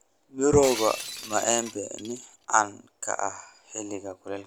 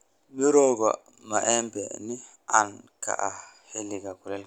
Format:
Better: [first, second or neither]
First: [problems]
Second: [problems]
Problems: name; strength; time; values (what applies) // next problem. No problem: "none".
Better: second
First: background sound (Shatter); 11 dB below the speech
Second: none